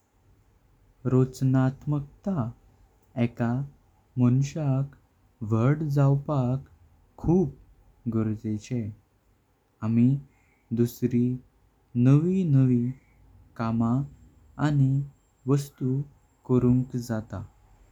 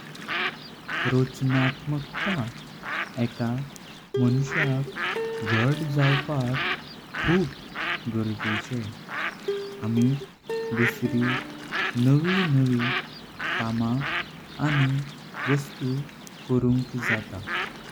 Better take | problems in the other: first | background sound (Plucked string instrument + Bird); 4 dB below the speech

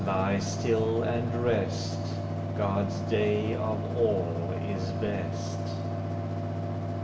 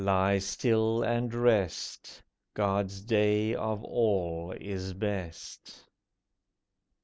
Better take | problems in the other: second | background sound (Mechanical fan); as loud as the speech // room echo; dies away in 1 s

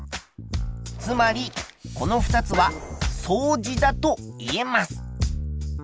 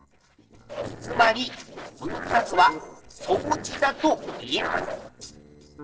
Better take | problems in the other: first | noise reduction (neural separator model SepFormer DNS4)

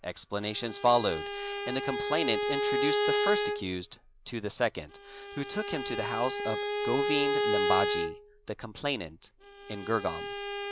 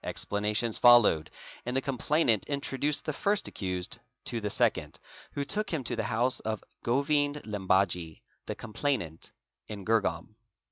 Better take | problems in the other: second | background sound (Bowed string instrument); as loud as the speech

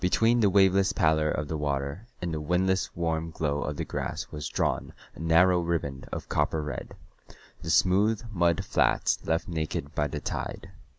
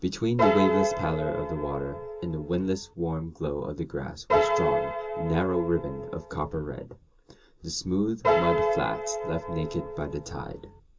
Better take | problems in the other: first | background sound (Piano); 2 dB above the speech // room echo; dies away in 0.2 s

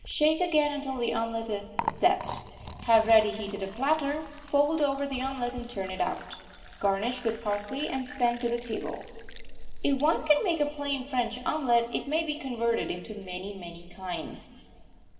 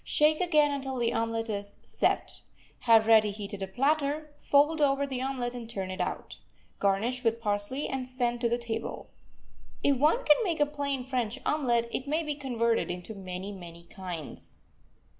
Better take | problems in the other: second | background sound (Liquid); 16 dB below the speech // room echo; dies away in 2.1 s

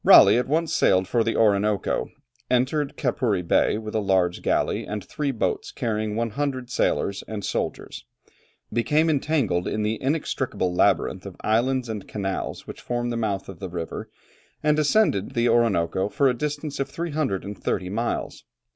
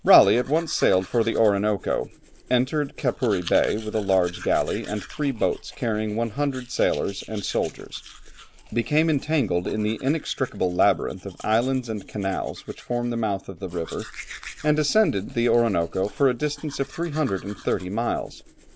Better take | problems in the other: first | background sound (Domestic sounds, home sounds); 19 dB below the speech

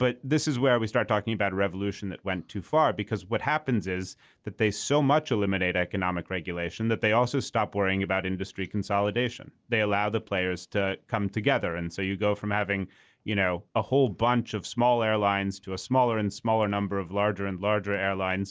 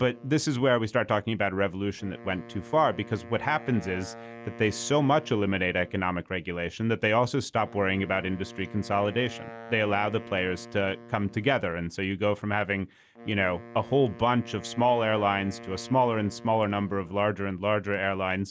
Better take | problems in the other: first | background sound (Wind instrument, woodwind instrument); 18 dB below the speech

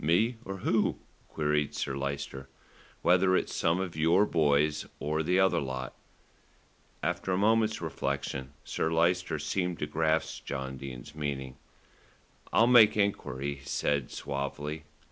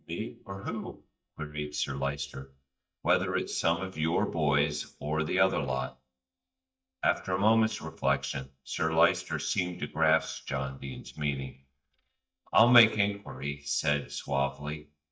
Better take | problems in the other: first | noise reduction (neural mask model DeepFilterNet 3)

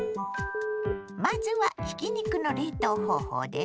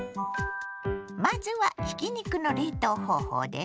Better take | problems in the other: second | background sound (Alarm / Keyboard (musical)); 3 dB below the speech

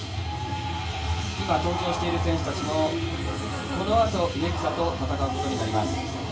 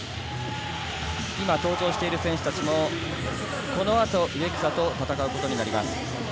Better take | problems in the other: second | room echo; dies away in 0.3 s

